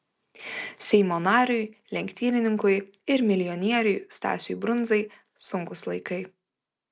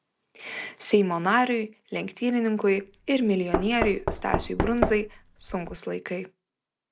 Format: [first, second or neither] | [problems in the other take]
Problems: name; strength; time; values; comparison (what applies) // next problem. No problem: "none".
first | background sound (Knock); 3 dB below the speech